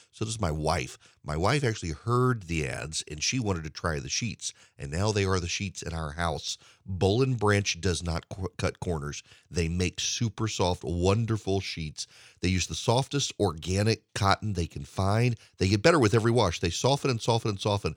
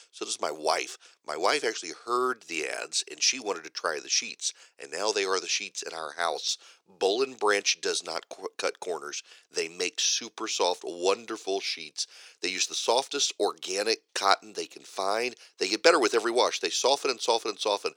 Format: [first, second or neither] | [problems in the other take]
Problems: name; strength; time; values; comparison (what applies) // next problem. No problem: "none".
first | thin; very; fading below 350 Hz